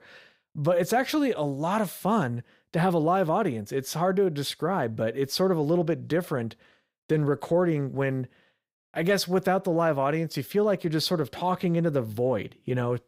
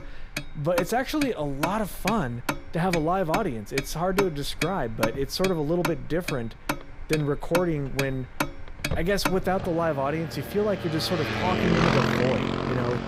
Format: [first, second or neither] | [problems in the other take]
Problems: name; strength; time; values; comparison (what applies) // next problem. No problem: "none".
first | traffic noise; loud; throughout; 3 dB below the speech